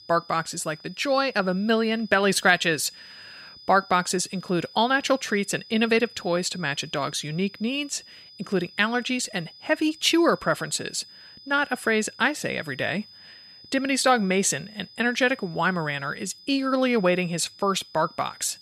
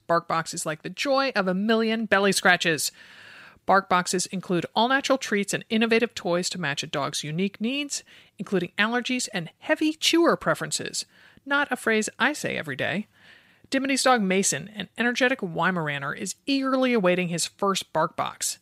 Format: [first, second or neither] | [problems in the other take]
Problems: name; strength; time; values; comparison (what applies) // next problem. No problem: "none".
second | high-pitched whine; faint; throughout; 5 kHz, 20 dB below the speech